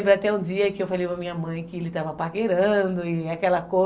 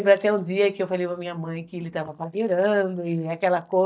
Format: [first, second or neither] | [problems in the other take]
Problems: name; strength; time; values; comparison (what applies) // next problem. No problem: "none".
first | noise reduction (neural mask model DeepFilterNet 3)